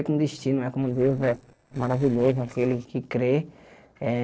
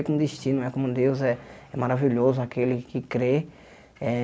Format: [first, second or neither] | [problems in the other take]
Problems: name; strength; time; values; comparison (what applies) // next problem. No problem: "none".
second | noise reduction (neural separator model SepFormer DNS4)